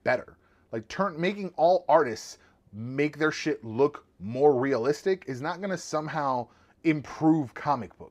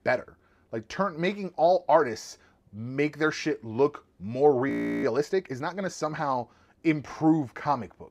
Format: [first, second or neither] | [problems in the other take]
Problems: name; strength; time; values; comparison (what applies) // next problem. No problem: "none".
first | audio freezing; at 4.5 s